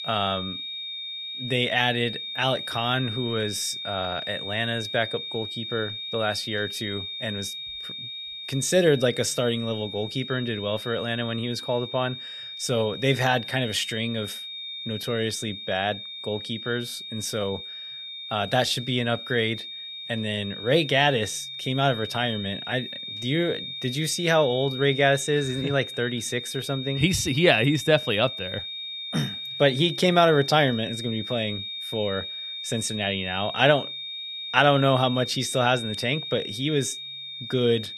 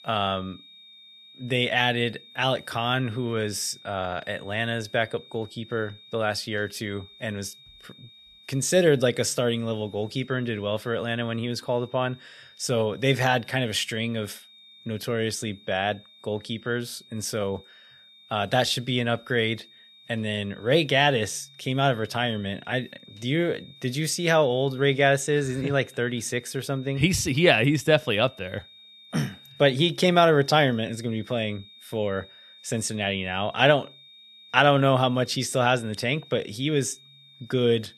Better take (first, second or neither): second